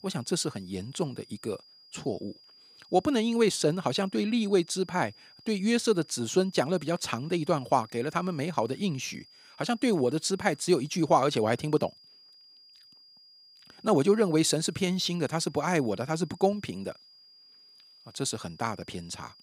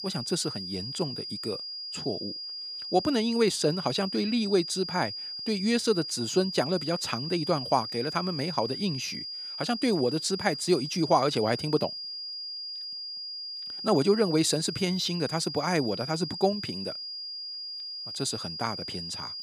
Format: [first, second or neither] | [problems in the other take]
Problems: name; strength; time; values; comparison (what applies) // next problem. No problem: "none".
first | high-pitched whine; loud; throughout; 5 kHz, 6 dB below the speech; faint in the first